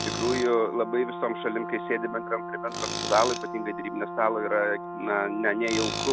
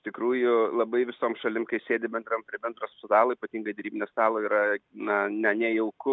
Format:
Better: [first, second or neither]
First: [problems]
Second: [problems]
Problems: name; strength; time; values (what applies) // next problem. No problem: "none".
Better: second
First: background sound (Brass instrument + Tools); 6 dB below the speech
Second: none